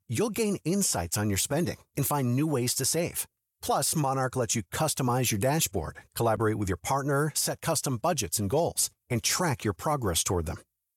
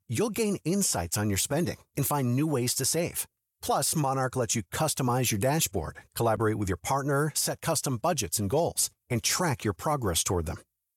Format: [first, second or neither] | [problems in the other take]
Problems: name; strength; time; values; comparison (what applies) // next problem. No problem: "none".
neither | none